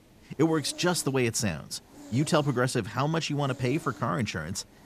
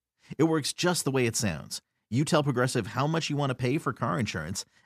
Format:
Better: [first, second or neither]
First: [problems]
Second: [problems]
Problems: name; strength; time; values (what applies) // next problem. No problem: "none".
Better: second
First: hiss; faint; throughout; 20 dB below the speech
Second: none